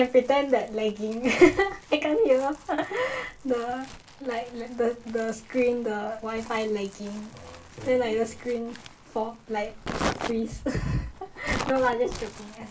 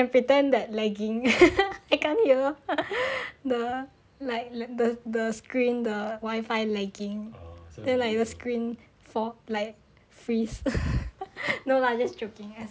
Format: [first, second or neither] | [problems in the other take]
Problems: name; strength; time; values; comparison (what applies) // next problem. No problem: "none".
second | background sound (Crumpling, crinkling); 13 dB below the speech // room echo; dies away in 0.2 s